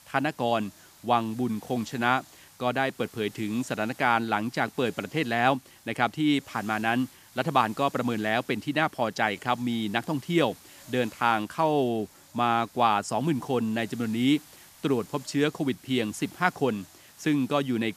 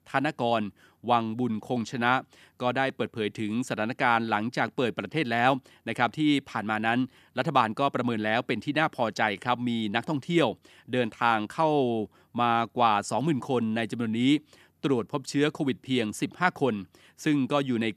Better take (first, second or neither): second